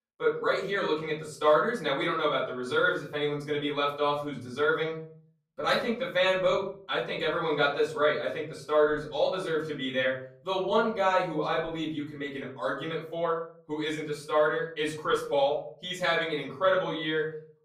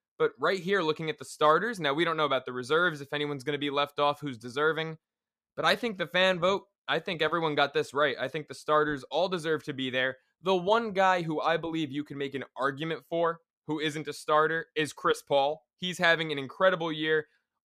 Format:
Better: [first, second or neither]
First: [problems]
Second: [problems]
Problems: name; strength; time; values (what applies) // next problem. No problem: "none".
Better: second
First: off-mic speech; far // room echo; slight; dies away in 0.5 s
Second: none